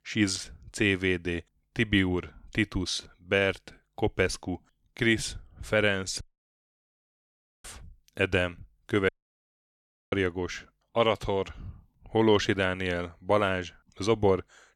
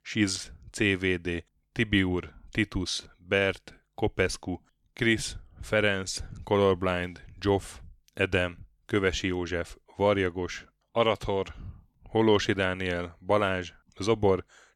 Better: second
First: audio cutting out; at 6 s for 1.5 s and at 9 s for 1 s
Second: none

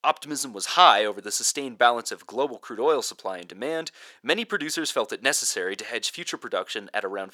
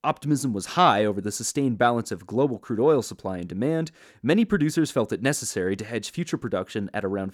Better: second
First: thin; very; fading below 650 Hz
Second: none

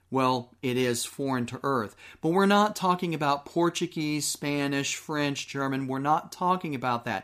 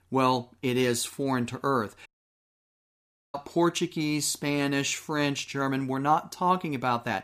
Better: first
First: none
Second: audio cutting out; at 2 s for 1.5 s

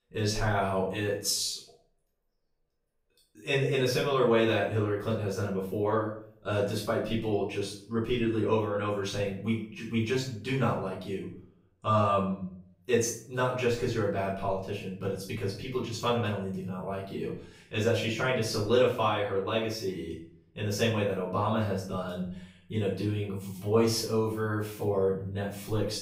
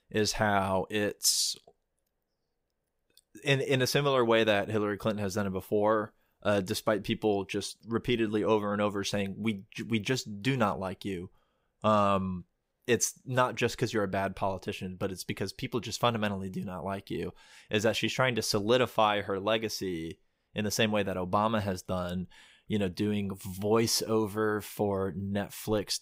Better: second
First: off-mic speech; far // room echo; noticeable; dies away in 0.5 s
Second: none

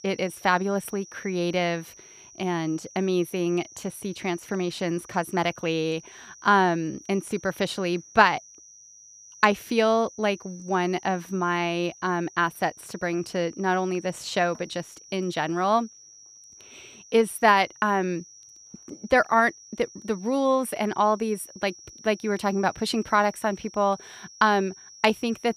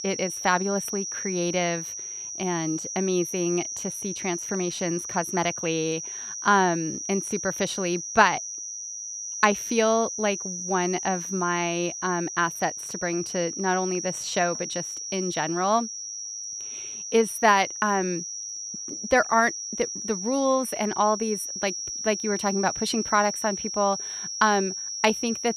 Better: first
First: high-pitched whine; faint; throughout; 6 kHz, 20 dB below the speech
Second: high-pitched whine; loud; throughout; 6 kHz, 5 dB below the speech

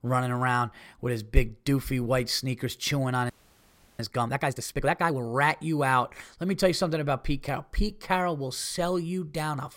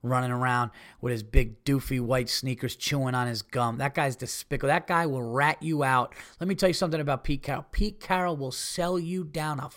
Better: second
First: audio freezing; at 3.5 s for 0.5 s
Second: none

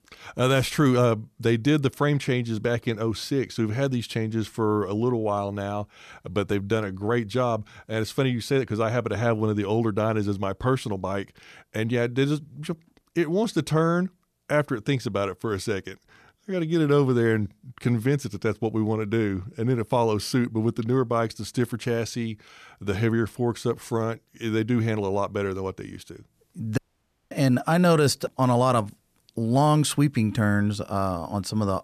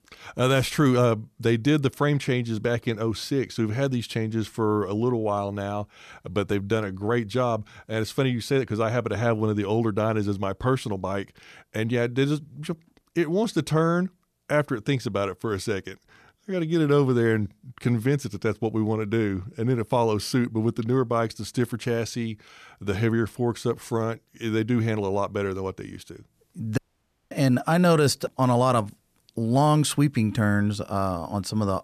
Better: neither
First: audio cutting out; at 27 s for 0.5 s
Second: audio cutting out; at 27 s for 0.5 s

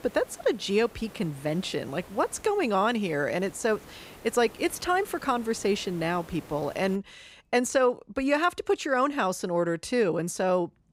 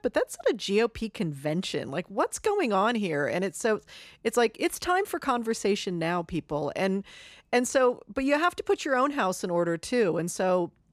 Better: second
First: hiss; faint; until 7 s; 20 dB below the speech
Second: none

